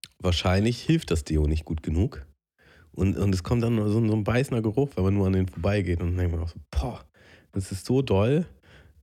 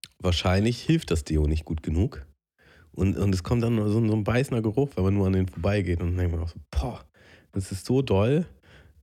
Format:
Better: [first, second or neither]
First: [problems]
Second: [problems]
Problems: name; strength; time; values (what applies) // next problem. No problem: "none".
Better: neither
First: none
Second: none